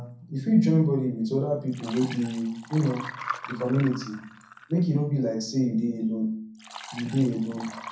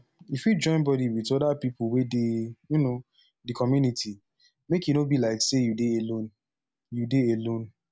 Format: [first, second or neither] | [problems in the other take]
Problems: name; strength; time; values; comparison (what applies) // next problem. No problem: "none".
second | background sound (Liquid); 16 dB below the speech // room echo; dies away in 0.6 s